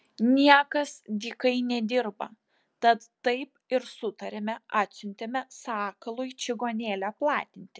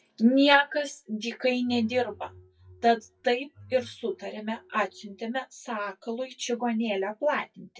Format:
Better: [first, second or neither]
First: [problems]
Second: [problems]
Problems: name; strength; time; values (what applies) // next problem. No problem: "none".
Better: first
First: none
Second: noise reduction (classical method WPE with log-MMSE)